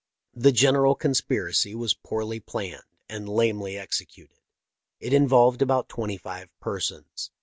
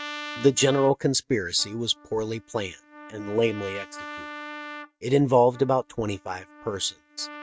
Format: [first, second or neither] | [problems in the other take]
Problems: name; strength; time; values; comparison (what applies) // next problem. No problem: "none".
first | noise reduction (neural mask model RNNoise)